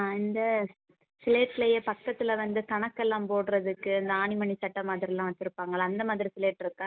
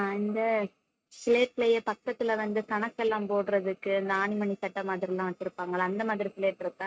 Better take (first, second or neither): first